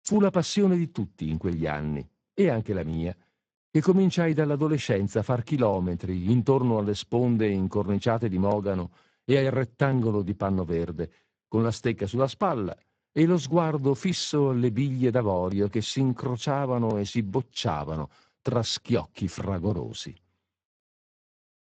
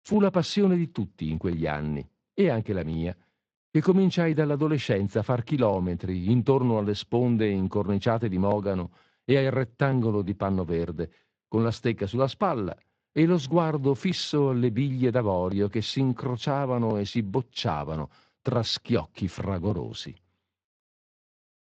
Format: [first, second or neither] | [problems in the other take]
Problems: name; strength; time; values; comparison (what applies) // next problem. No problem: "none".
second | garbled, watery; badly; nothing above 7.5 kHz; slightly in the second